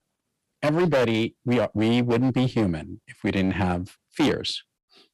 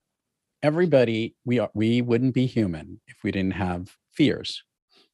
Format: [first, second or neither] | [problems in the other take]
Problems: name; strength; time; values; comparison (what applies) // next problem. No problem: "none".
second | distortion; heavy; 10% of the sound clipped